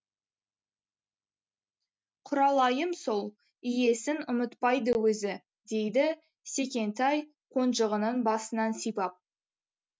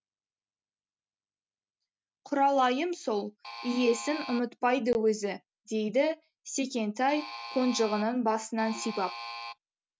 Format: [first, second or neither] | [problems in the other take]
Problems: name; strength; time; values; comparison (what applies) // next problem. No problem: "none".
first | background sound (Alarm); 10 dB below the speech